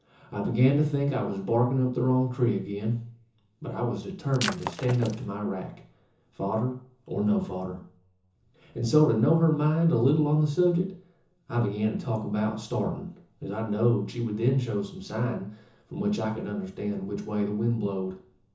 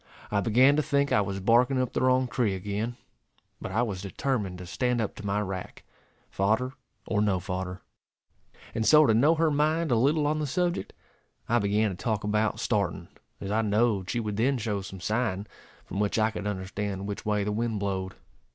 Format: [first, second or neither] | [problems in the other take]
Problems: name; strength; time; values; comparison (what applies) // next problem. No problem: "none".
second | background sound (Shatter); 8 dB below the speech // room echo; dies away in 0.6 s